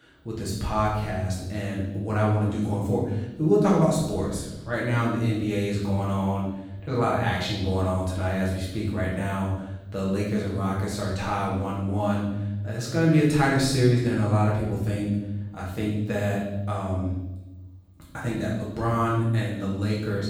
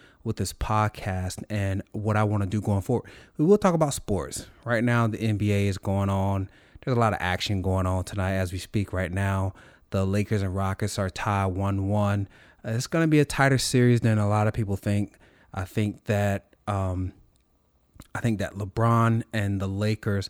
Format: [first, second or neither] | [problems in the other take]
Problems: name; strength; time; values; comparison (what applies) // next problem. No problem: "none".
second | off-mic speech; far // room echo; noticeable; dies away in 1 s